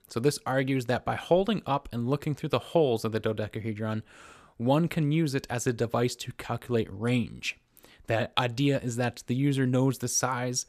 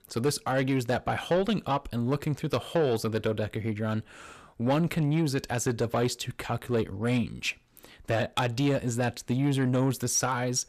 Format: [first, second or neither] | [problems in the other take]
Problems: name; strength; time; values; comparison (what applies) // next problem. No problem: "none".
first | distortion; slight; 10 dB below the speech